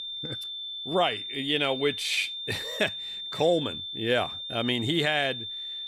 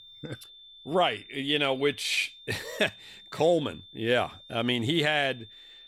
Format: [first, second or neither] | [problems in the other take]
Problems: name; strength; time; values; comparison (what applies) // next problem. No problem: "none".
second | high-pitched whine; loud; throughout; 3.5 kHz, 6 dB below the speech; faint in the second